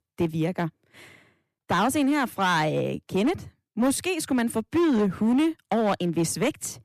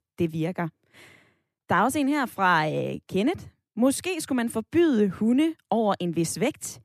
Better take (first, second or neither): second